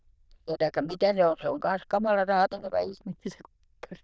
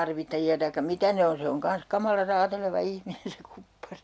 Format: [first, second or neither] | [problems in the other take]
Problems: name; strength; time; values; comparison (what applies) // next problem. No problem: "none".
second | noise reduction (neural diffusion model UNIVERSE++)